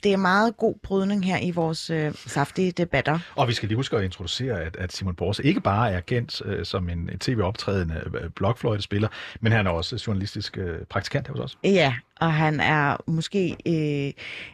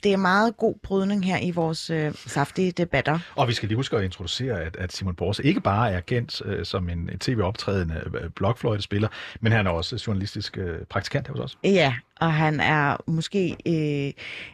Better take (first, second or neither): neither